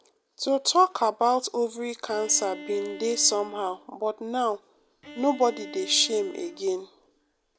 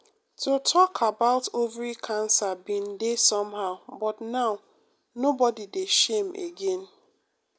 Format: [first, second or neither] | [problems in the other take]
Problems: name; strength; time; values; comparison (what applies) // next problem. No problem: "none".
second | background sound (Bowed string instrument); 17 dB below the speech